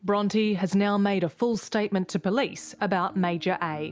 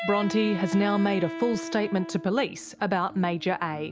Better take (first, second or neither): first